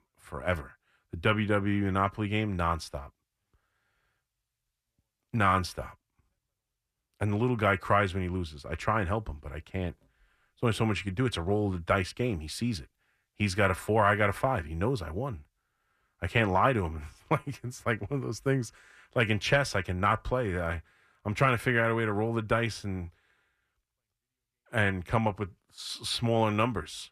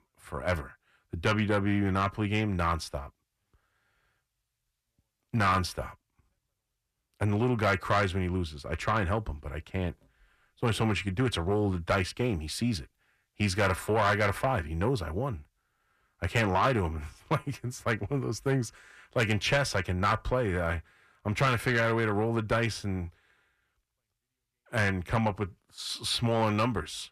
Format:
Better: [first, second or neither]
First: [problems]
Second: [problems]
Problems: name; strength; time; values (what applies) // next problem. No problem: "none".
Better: first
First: none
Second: distortion; slight; 10 dB below the speech